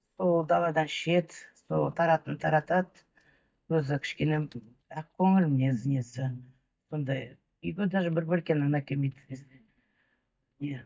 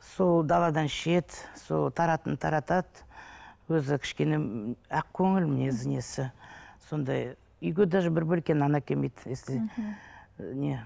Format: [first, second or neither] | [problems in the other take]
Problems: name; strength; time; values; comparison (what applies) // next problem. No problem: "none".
second | noise reduction (neural mask model DeepFilterNet 3)